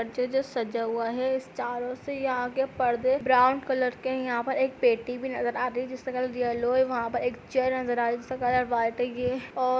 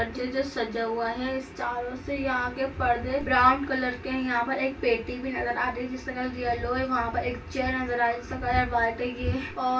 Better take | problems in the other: first | background sound (Bowed string instrument); 18 dB below the speech // room echo; dies away in 0.1 s

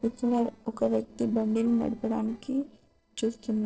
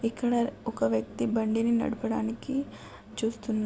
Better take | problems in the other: second | noise reduction (neural separator model SepFormer DNS4)

